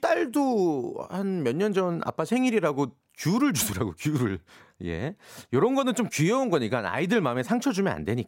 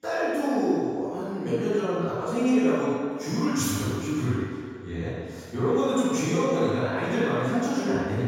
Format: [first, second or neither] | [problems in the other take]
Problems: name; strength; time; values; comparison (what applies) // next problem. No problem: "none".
first | room echo; strong; dies away in 1.8 s // off-mic speech; far